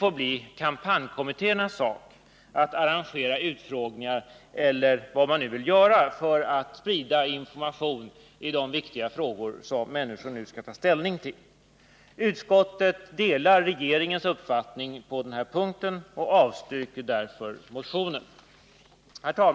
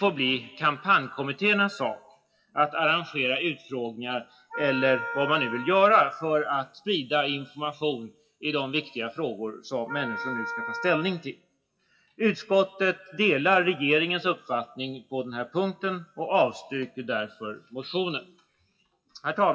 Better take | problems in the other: first | noise reduction (classical method WPE with log-MMSE)

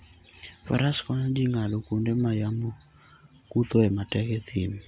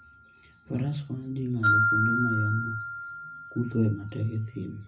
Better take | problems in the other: first | background sound (Glockenspiel); 1 dB below the speech // room echo; dies away in 0.4 s

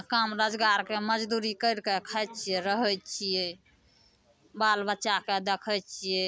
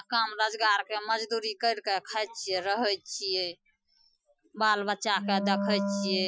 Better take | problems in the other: first | noise reduction (classical method Wiener filter)

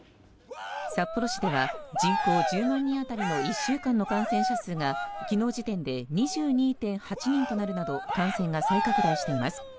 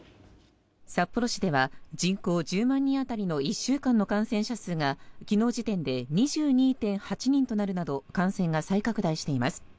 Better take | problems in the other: second | background sound (Cheering); 3 dB below the speech

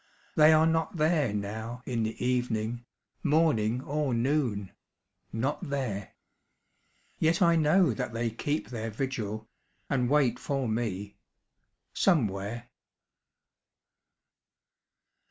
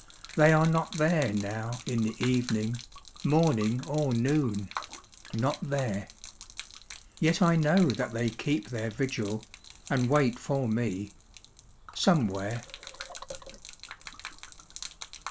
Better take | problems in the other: first | background sound (Gurgling / Liquid); 16 dB below the speech

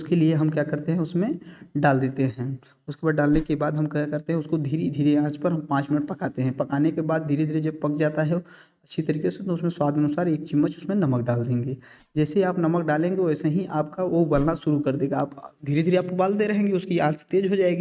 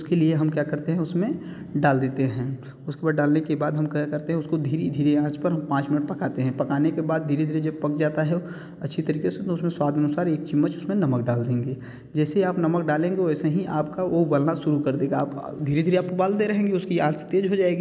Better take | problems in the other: second | noise reduction (neural mask model RNNoise)

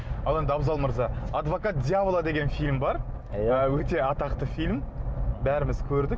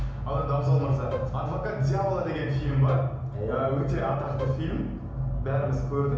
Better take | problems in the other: first | background sound (Bowed string instrument); 12 dB below the speech // room echo; dies away in 1 s

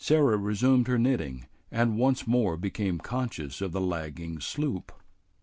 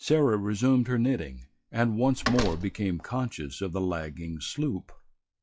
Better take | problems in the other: first | noise reduction (classical method log-MMSE)

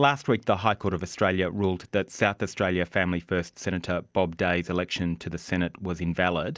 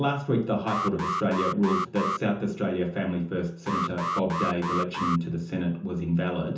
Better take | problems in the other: first | background sound (Alarm); 3 dB below the speech // room echo; dies away in 0.6 s

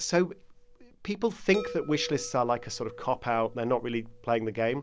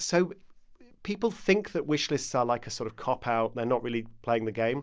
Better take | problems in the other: second | background sound (Chime); 17 dB below the speech

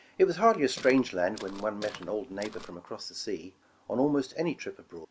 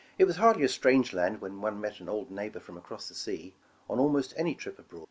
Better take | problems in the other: second | background sound (Walk, footsteps); 16 dB below the speech

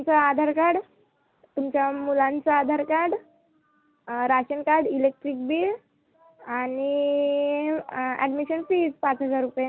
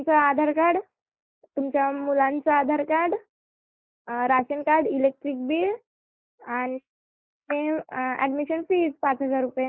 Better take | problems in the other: first | noise reduction (neural mask model Resemble Enhance denoiser)

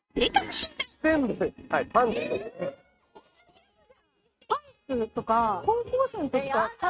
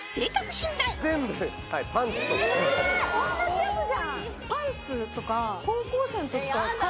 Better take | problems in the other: second | noise reduction (neural mask model RNNoise)

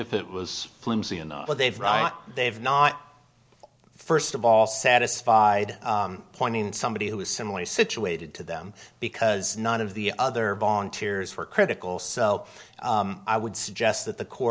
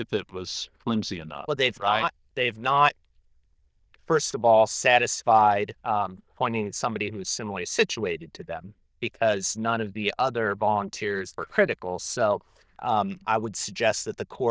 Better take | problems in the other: first | noise reduction (neural diffusion model UNIVERSE++)

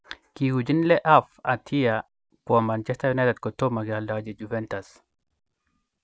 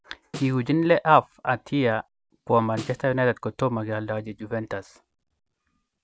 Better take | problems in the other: first | background sound (Snare drum); 18 dB below the speech

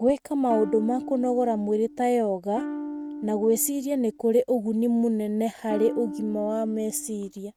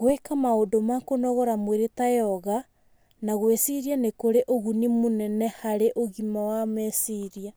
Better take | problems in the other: second | noise reduction (neural mask model RNNoise)

